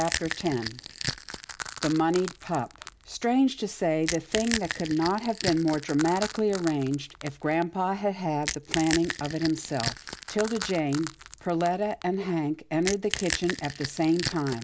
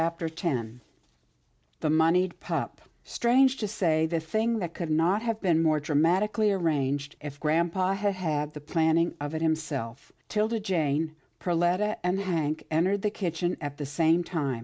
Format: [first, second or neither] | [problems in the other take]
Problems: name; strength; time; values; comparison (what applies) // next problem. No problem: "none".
second | background sound (Crack / Crushing); 9 dB below the speech